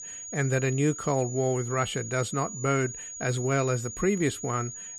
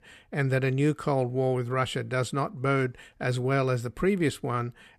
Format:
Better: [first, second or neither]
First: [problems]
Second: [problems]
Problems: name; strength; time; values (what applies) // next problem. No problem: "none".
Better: second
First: high-pitched whine; loud; throughout; 6.5 kHz, 9 dB below the speech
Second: none